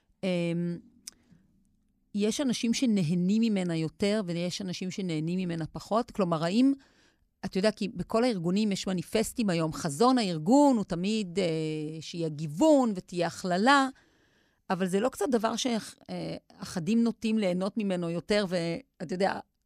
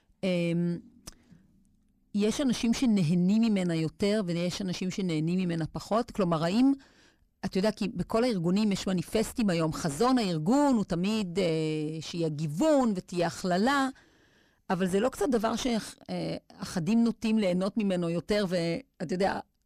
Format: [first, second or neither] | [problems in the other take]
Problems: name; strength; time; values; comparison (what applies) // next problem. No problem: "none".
first | distortion; slight; 9 dB below the speech